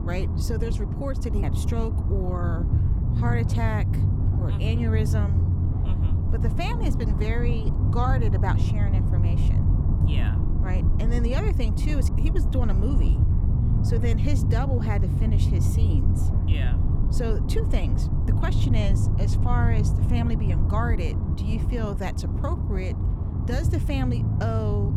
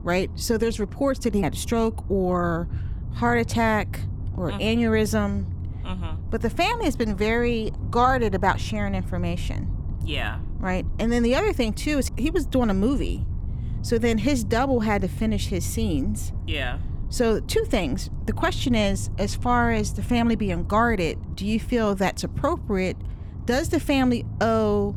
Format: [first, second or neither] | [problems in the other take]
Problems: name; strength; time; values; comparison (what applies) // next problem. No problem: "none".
second | low rumble; loud; throughout; 3 dB below the speech; faint in the second